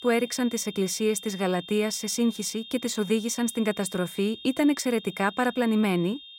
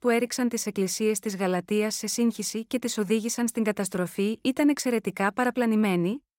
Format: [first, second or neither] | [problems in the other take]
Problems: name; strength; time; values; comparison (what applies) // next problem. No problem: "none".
second | high-pitched whine; noticeable; throughout; 3.5 kHz, 15 dB below the speech